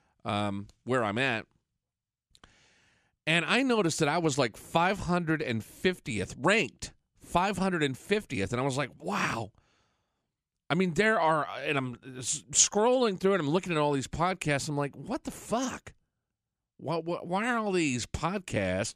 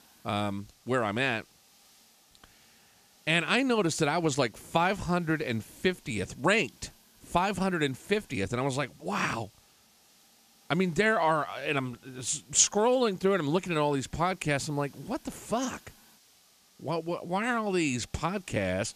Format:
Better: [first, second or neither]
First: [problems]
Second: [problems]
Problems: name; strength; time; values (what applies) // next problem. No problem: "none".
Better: first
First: none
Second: hiss; faint; throughout; 30 dB below the speech